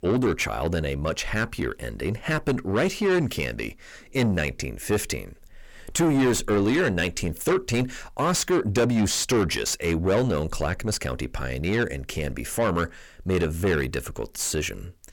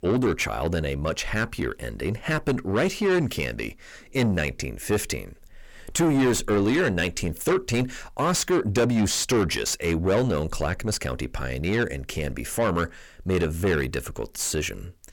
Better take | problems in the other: neither | distortion; heavy; 7 dB below the speech; the same in both

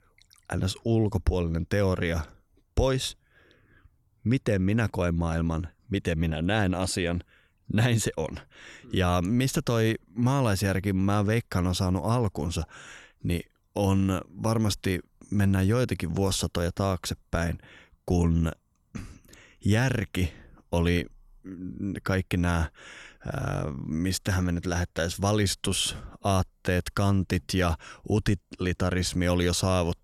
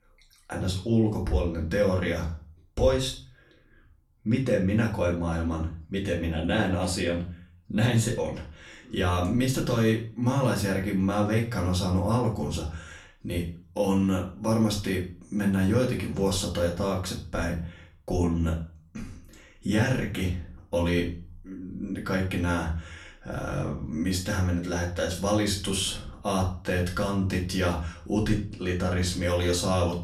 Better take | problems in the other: first | off-mic speech; far // room echo; slight; dies away in 0.3 s

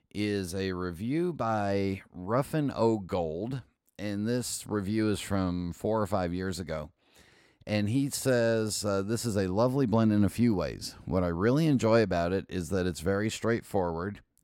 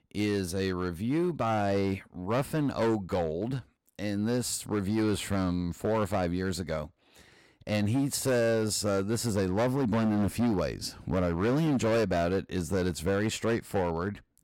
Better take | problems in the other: first | distortion; slight; 11% of the sound clipped

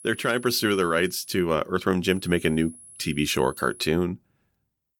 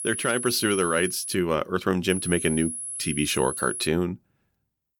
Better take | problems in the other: first | high-pitched whine; loud; until 1.5 s and from 2 to 4 s; 10.5 kHz, 6 dB below the speech; faint in the first

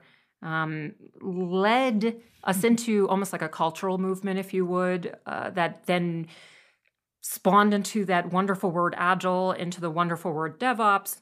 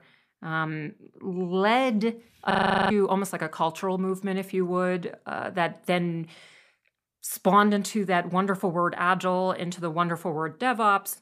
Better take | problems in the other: first | audio freezing; at 2.5 s

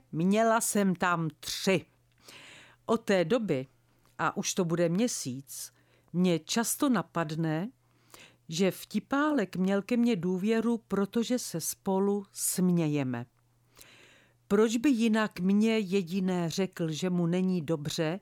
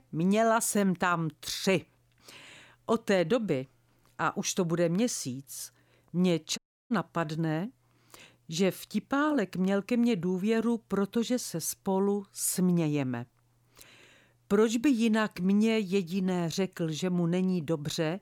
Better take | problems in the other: first | audio cutting out; at 6.5 s

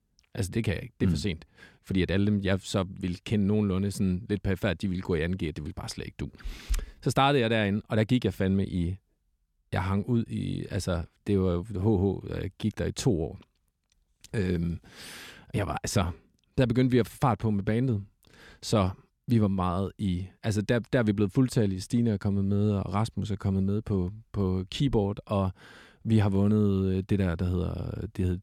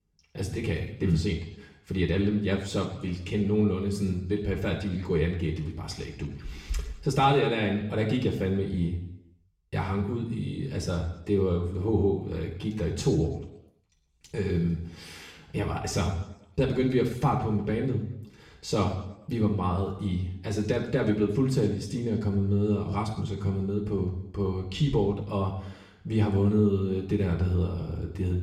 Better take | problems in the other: first | room echo; noticeable; dies away in 0.7 s // off-mic speech; far

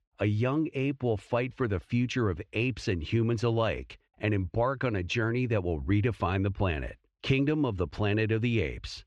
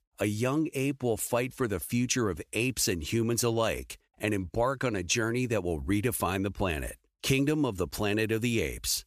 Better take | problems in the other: second | muffled; slightly; fading above 3.5 kHz

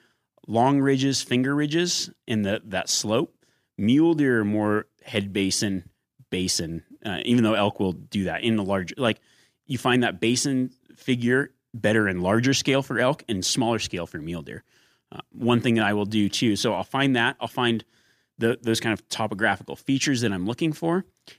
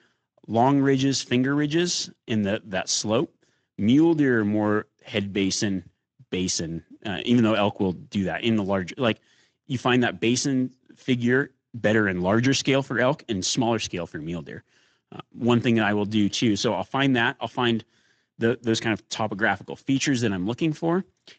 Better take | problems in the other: first | garbled, watery; slightly

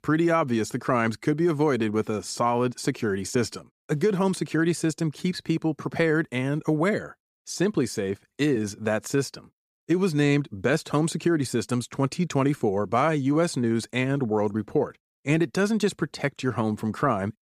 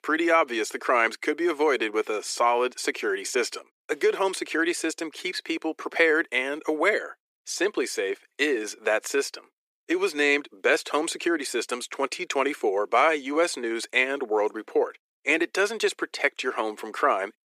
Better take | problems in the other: first | thin; very; fading below 350 Hz

